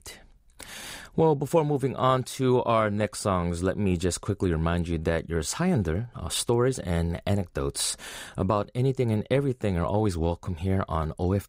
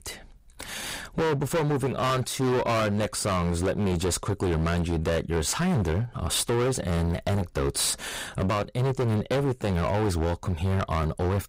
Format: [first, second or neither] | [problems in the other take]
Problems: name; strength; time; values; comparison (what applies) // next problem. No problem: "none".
first | distortion; heavy; 25% of the sound clipped